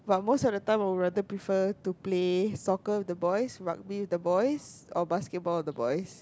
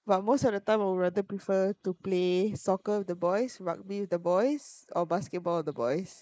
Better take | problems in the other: first | noise reduction (neural mask model Resemble Enhance denoiser)

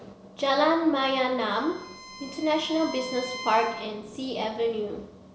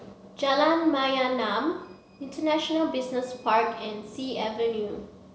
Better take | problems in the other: second | background sound (Bowed string instrument); 15 dB below the speech

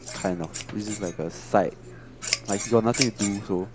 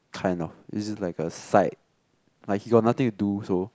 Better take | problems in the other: second | background sound (Scissors); 7 dB below the speech

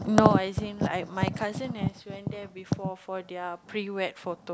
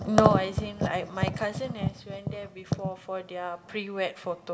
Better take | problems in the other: first | room echo; dies away in 1.1 s

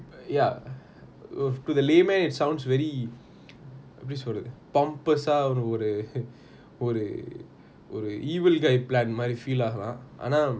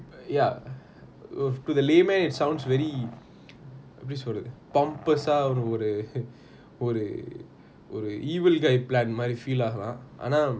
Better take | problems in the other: first | background sound (Growling); 18 dB below the speech

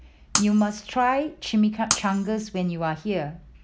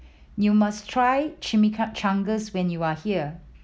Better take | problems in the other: second | background sound (Shatter); 8 dB below the speech

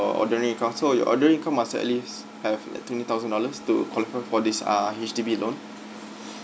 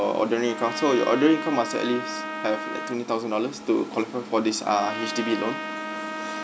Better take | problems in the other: first | background sound (Trumpet); 9 dB below the speech

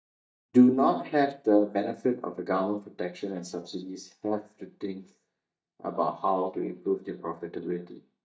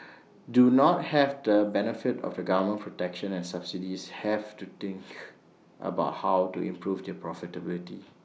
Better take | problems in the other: second | noise reduction (neural mask model DeepFilterNet 3)

